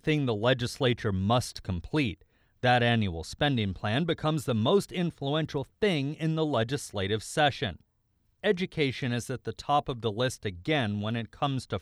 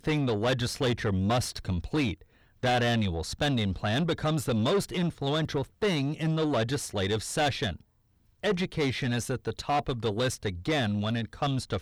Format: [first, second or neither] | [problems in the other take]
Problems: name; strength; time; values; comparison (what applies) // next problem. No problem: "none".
first | distortion; heavy; 7 dB below the speech